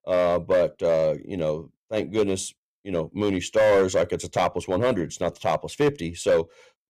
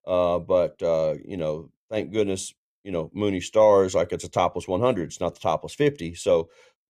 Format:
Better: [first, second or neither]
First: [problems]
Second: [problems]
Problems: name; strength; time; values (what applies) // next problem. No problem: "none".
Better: second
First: distortion; slight; 5% of the sound clipped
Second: none